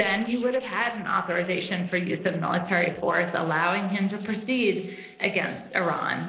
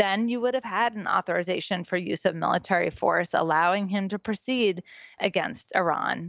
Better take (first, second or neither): second